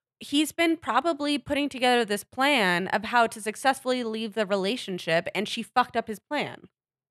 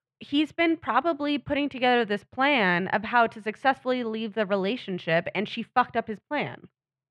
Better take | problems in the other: first | muffled; slightly; fading above 2.5 kHz

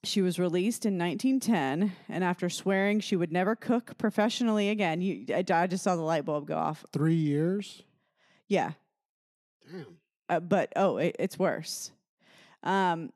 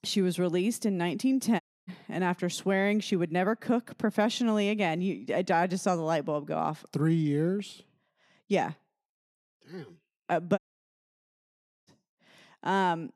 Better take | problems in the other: first | audio cutting out; at 1.5 s and at 11 s for 1.5 s

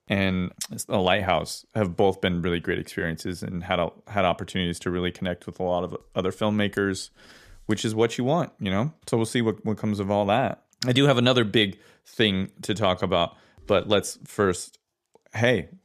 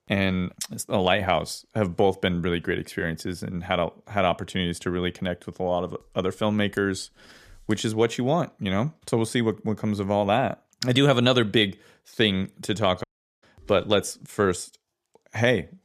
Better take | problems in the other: first | audio cutting out; at 13 s

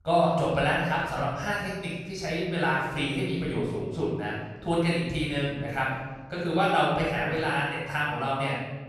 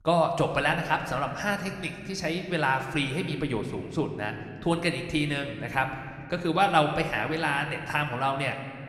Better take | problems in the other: second | room echo; strong; dies away in 1.3 s; slight in the second // off-mic speech; far

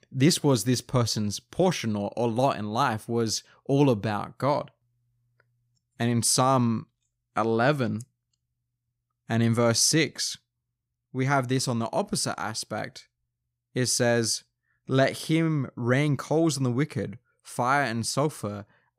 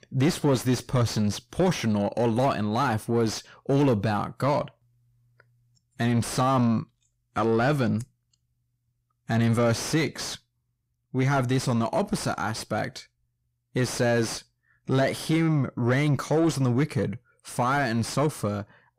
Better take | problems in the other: first | distortion; heavy; 8 dB below the speech

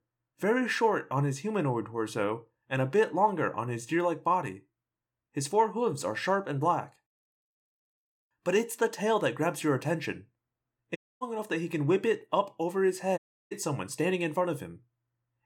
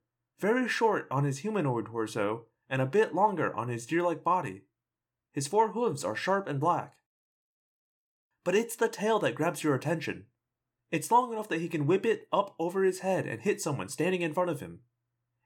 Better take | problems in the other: second | audio cutting out; at 11 s and at 13 s

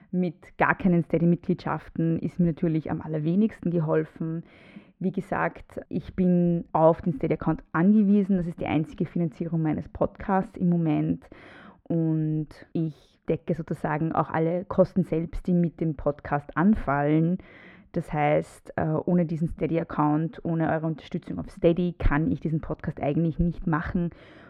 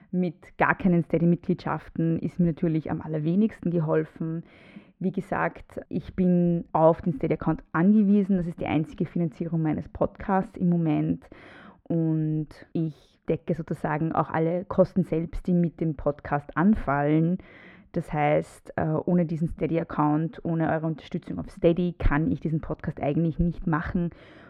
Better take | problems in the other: neither | muffled; very; fading above 3.5 kHz; the same in both

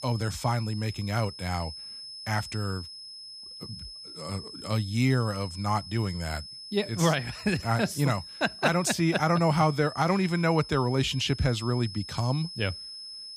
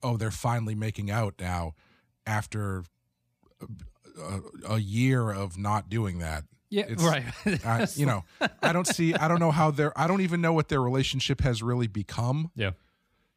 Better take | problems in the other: second | high-pitched whine; noticeable; throughout; 5 kHz, 10 dB below the speech

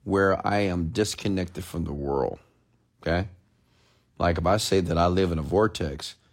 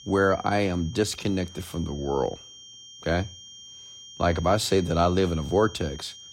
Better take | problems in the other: first | high-pitched whine; noticeable; throughout; 3 kHz, 20 dB below the speech

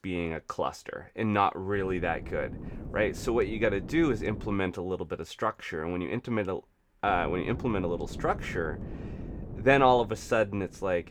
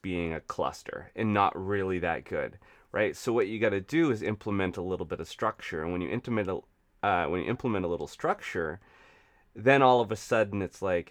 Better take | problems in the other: second | wind noise on the microphone; occasional gusts; from 1.5 to 4.5 s and from 7 s on; 20 dB below the speech

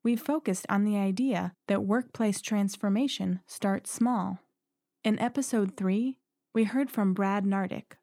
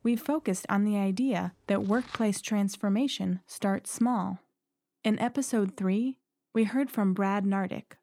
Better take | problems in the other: first | household noises; noticeable; until 3 s; 15 dB below the speech

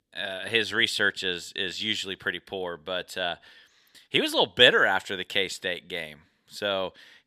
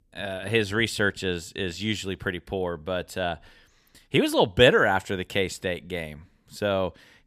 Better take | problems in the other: second | thin; somewhat; fading below 700 Hz

